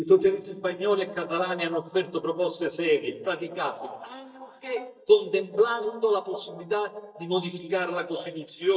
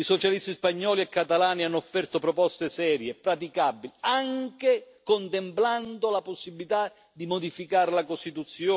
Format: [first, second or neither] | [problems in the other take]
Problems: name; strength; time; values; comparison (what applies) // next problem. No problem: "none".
second | noise reduction (neural mask model DeepFilterNet 3)